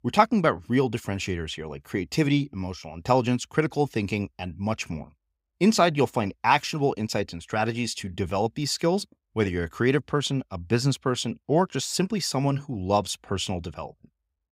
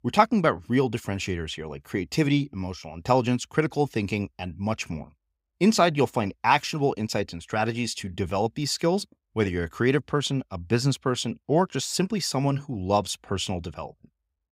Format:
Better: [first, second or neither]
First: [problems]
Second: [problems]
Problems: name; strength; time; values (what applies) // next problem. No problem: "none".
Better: neither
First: none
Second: none